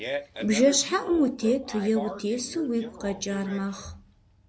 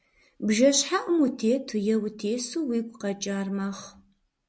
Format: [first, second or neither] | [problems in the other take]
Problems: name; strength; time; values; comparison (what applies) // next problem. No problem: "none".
second | background sound (Fart); 12 dB below the speech